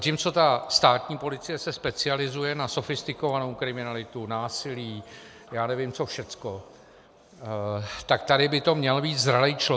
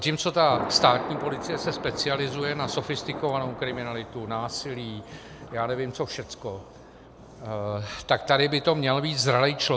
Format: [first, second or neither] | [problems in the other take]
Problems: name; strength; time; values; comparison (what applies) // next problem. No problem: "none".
first | background sound (Thunder); 11 dB below the speech